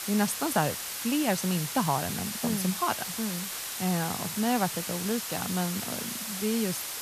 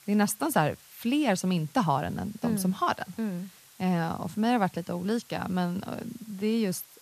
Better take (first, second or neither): second